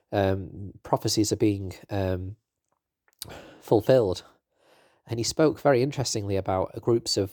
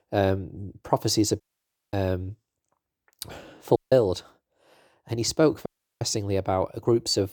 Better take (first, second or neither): first